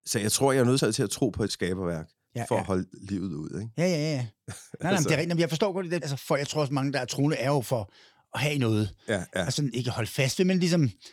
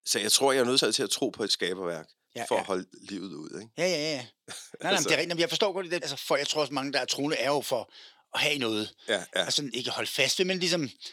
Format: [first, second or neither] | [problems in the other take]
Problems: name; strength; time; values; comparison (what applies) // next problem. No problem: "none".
first | thin; somewhat; fading below 350 Hz